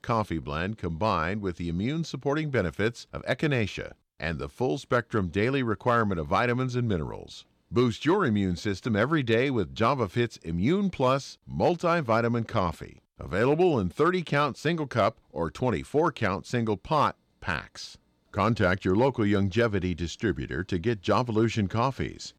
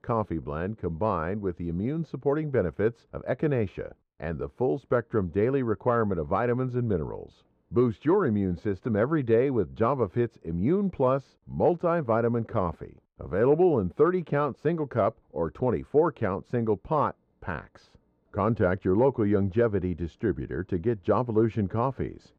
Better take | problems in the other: first | muffled; very; fading above 2.5 kHz

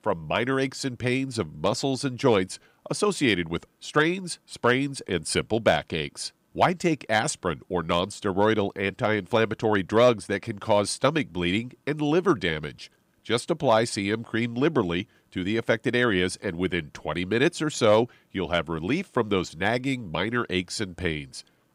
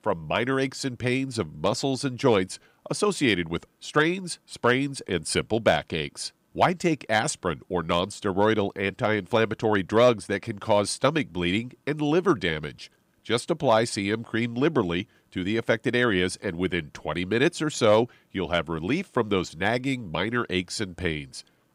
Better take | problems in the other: neither | none

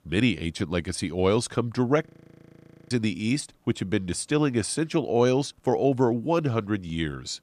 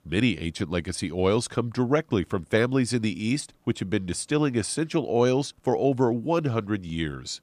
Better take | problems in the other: second | audio freezing; at 2 s for 1 s

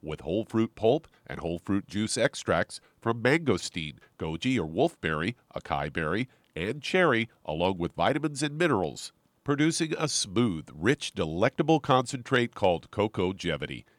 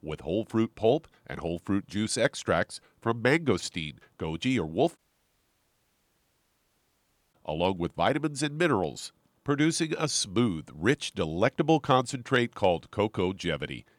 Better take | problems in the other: first | audio cutting out; at 5 s for 2.5 s

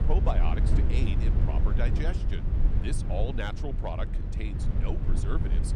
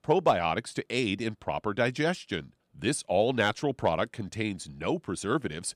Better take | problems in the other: second | low rumble; loud; throughout; 4 dB below the speech

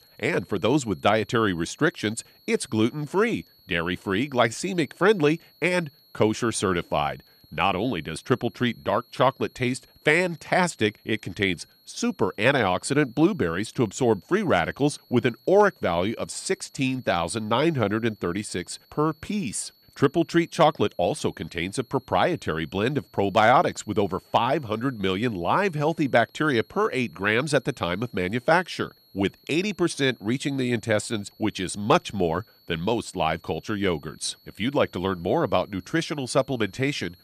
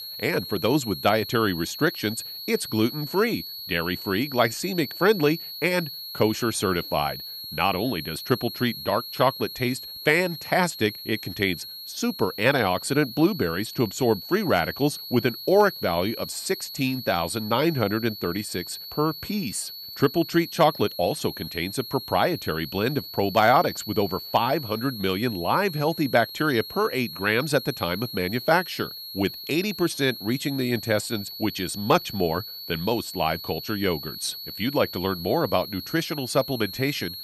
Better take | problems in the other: first | high-pitched whine; loud; throughout; 4.5 kHz, 10 dB below the speech; faint in the first

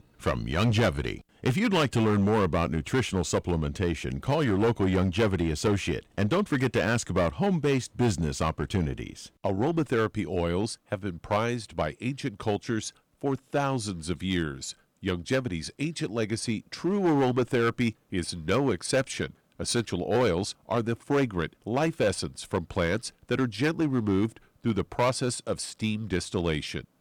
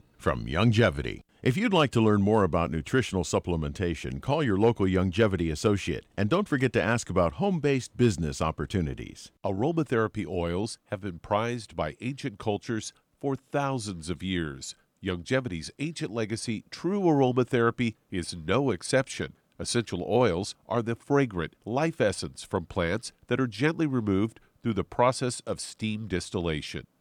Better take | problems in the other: second | distortion; slight; 6% of the sound clipped

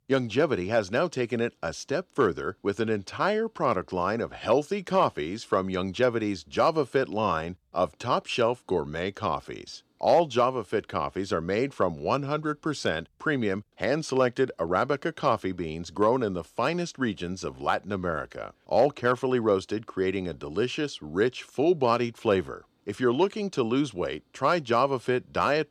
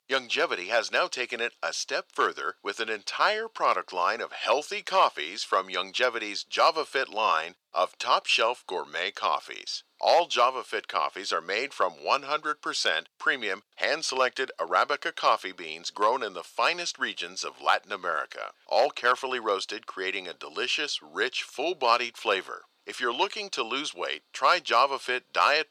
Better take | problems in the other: first | thin; very; fading below 800 Hz

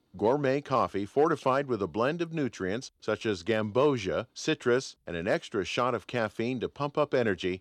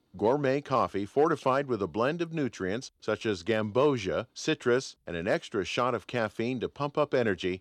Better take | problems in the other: neither | none

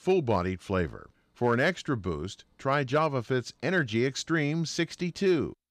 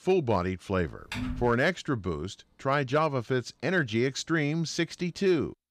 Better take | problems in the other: first | keyboard typing; noticeable; at 1 s; peak 6 dB below the speech

